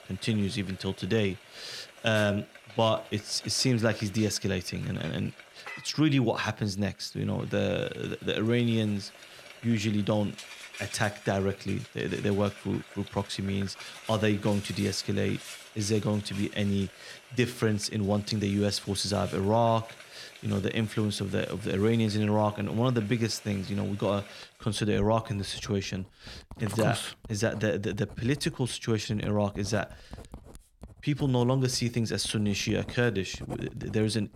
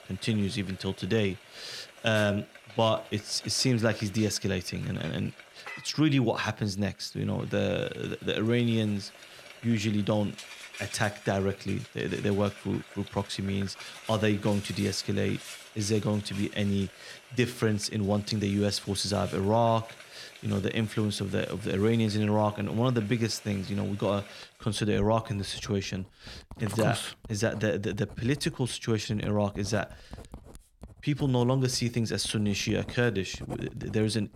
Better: neither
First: household noises; noticeable; throughout; 20 dB below the speech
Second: household noises; noticeable; throughout; 20 dB below the speech

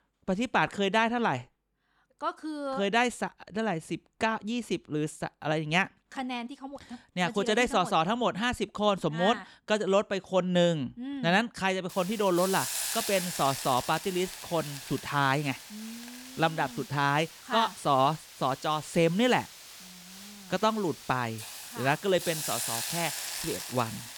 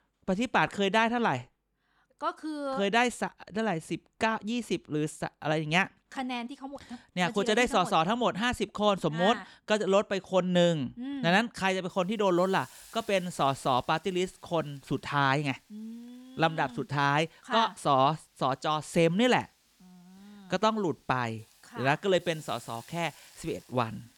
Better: second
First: hiss; loud; from 12 s on; 8 dB below the speech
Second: hiss; faint; from 12 s on; 30 dB below the speech

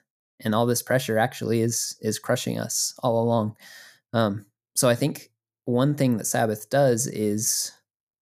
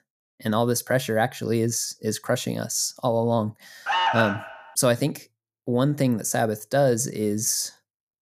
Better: first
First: none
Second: alarm; loud; at 4 s; peak 2 dB above the speech

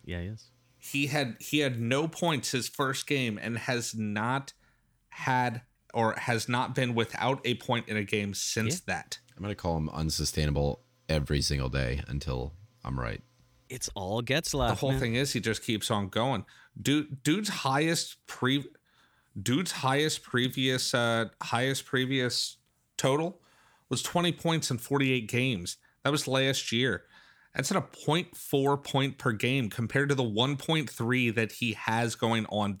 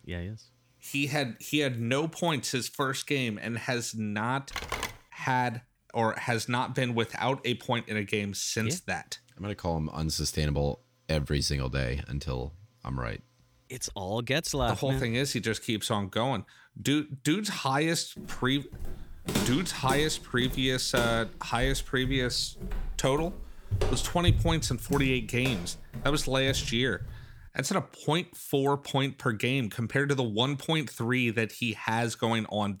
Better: first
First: none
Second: phone ringing; noticeable; at 4.5 s; peak 4 dB below the speech // footsteps; loud; from 18 to 27 s; peak 1 dB above the speech

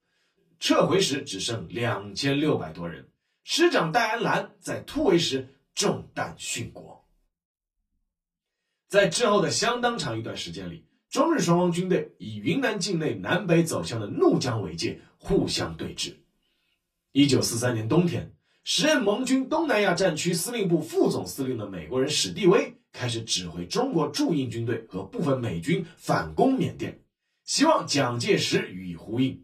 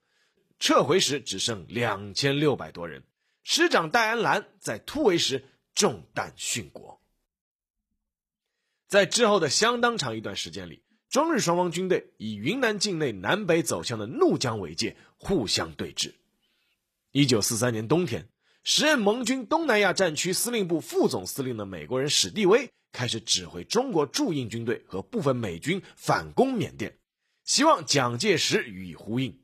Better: second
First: off-mic speech; far // room echo; very slight; dies away in 0.2 s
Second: none

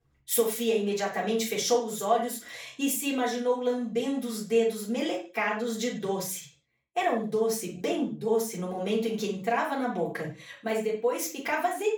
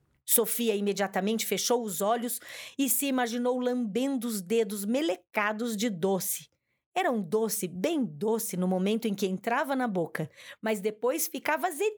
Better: second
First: room echo; slight; dies away in 0.3 s // off-mic speech; far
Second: none

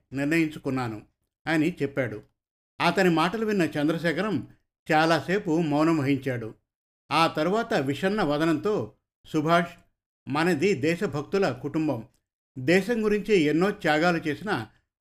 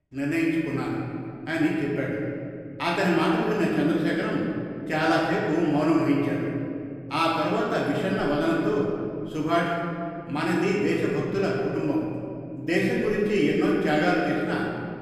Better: first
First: none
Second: off-mic speech; far // room echo; noticeable; dies away in 2.3 s

